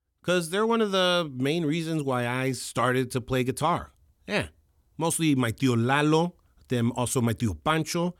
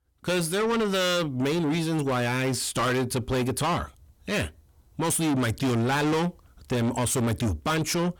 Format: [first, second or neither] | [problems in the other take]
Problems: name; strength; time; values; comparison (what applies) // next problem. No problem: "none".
first | distortion; heavy; 7 dB below the speech